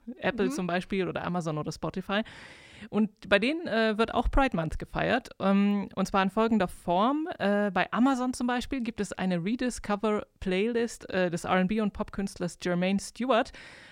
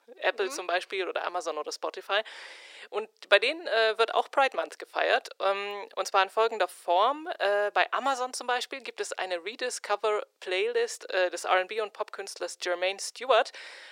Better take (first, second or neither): first